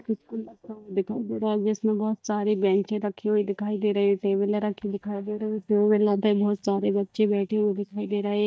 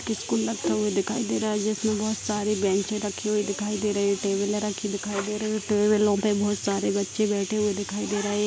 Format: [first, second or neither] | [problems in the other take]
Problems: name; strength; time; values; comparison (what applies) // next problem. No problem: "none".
second | noise reduction (neural mask model DeepFilterNet 3)